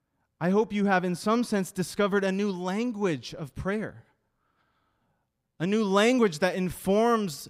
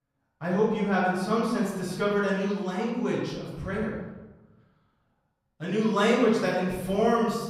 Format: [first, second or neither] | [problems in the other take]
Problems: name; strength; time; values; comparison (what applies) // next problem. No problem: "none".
first | room echo; noticeable; dies away in 1 s // off-mic speech; far